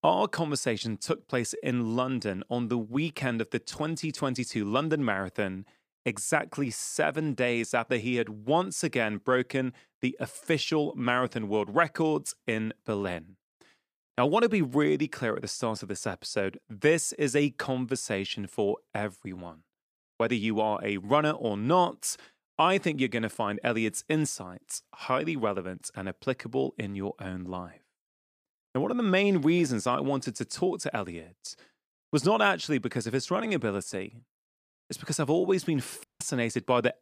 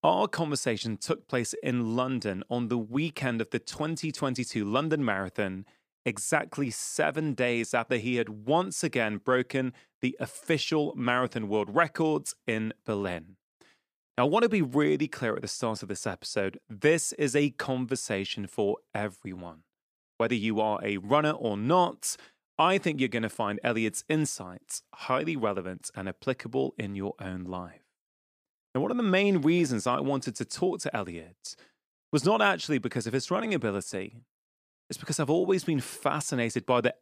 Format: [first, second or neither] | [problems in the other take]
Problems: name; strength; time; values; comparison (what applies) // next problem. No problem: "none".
second | audio cutting out; at 36 s